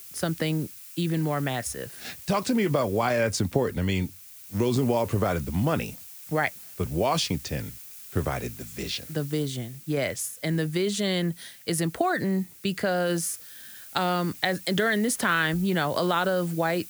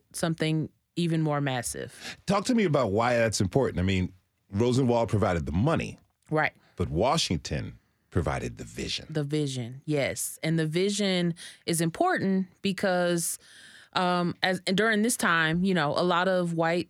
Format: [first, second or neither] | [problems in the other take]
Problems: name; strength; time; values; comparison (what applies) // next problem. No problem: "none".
second | hiss; noticeable; throughout; 15 dB below the speech